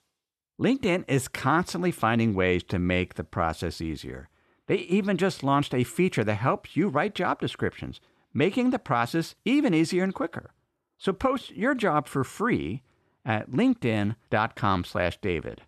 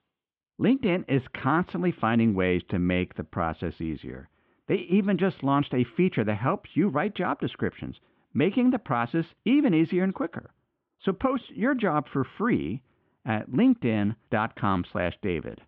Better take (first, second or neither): first